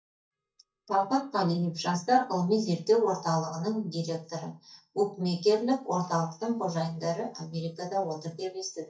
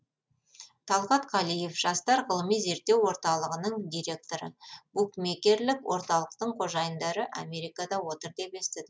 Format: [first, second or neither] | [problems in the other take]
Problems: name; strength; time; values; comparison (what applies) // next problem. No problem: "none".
second | noise reduction (neural mask model DeepFilterNet 3)